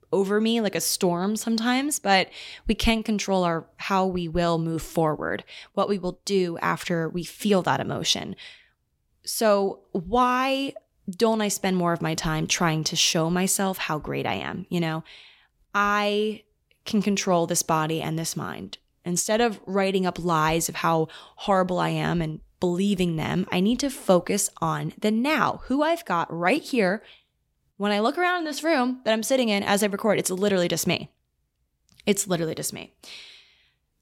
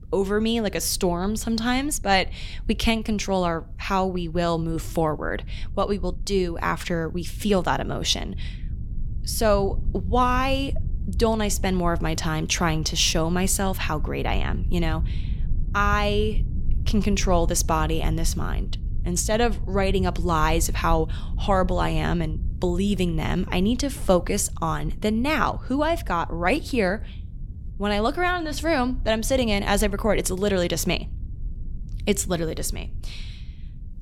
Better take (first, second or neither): first